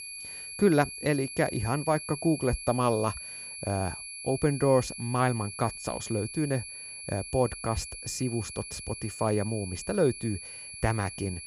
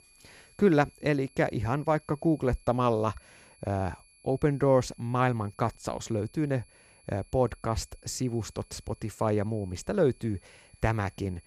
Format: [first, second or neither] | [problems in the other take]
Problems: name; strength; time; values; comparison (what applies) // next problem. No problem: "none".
second | high-pitched whine; loud; throughout; 2.5 kHz, 9 dB below the speech; faint in the second